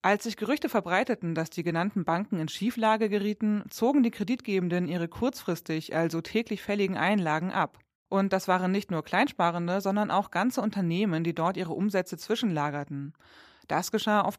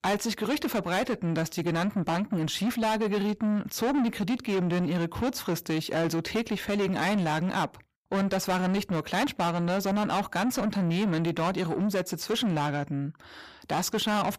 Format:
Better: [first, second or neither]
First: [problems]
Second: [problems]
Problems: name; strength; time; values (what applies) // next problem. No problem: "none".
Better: first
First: none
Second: distortion; heavy; 7 dB below the speech